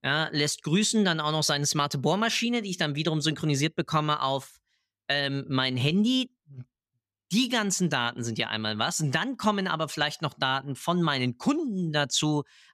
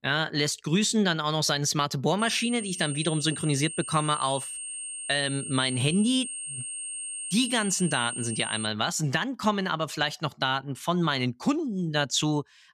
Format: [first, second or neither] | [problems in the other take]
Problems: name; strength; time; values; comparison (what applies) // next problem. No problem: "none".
first | high-pitched whine; loud; from 2 to 8.5 s; 8.5 kHz, 7 dB below the speech